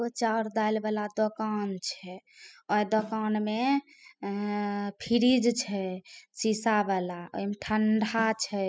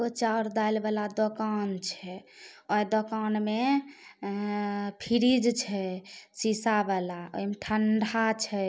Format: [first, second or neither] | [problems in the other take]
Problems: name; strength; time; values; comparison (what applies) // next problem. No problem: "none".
second | noise reduction (classical method spectral subtraction)